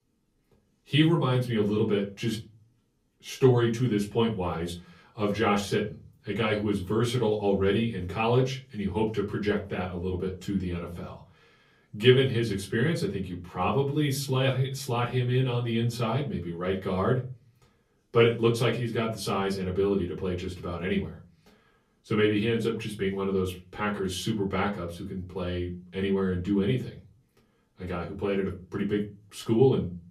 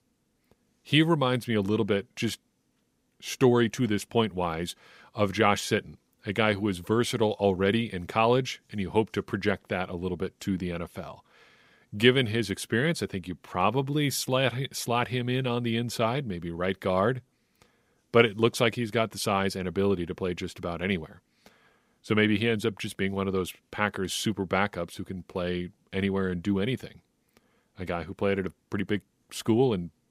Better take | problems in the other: second | off-mic speech; far // room echo; very slight; dies away in 0.4 s

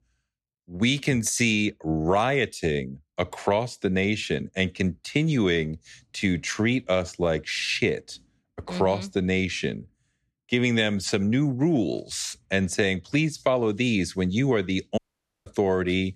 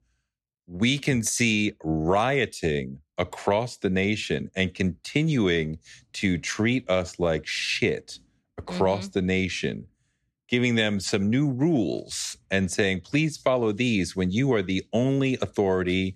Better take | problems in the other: second | audio cutting out; at 15 s

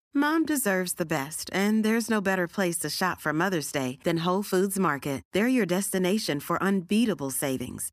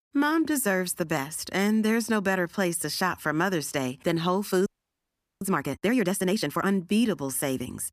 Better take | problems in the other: first | audio freezing; at 4.5 s for 1 s

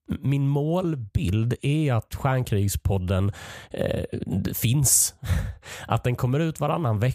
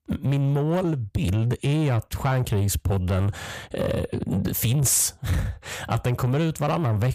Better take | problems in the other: first | distortion; slight; 10 dB below the speech

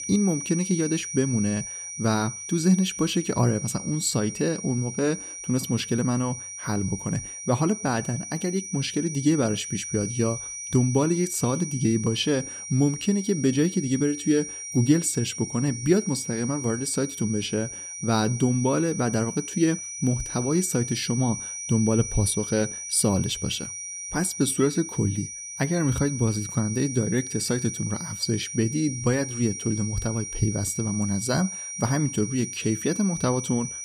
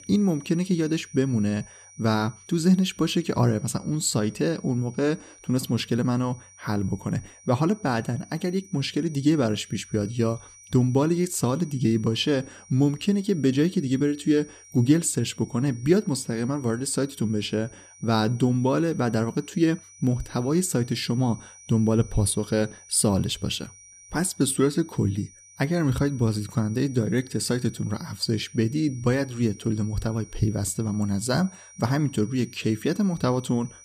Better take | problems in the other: second | high-pitched whine; loud; throughout; 6 kHz, 7 dB below the speech; faint in the second

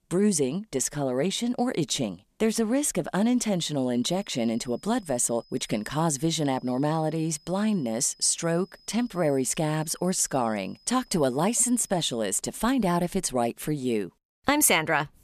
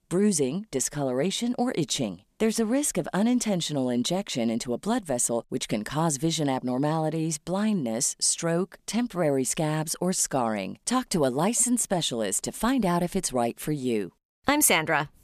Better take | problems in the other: second | high-pitched whine; faint; from 4 to 12 s; 5 kHz, 30 dB below the speech

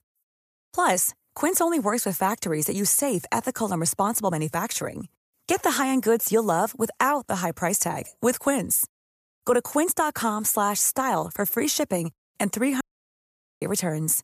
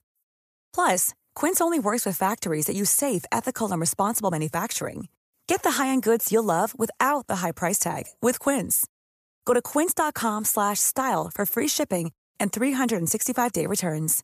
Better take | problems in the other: second | audio cutting out; at 13 s for 1 s

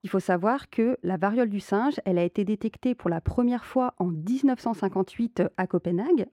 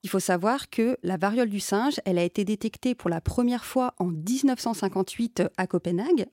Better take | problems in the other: second | muffled; slightly; fading above 3.5 kHz

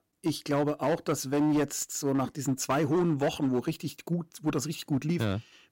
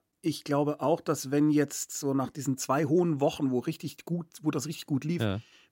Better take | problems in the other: second | distortion; slight; 10% of the sound clipped

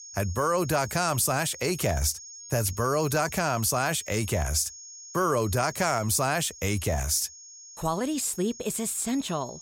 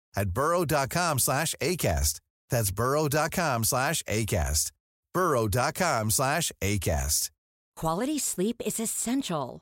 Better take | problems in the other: second | high-pitched whine; noticeable; throughout; 6.5 kHz, 15 dB below the speech

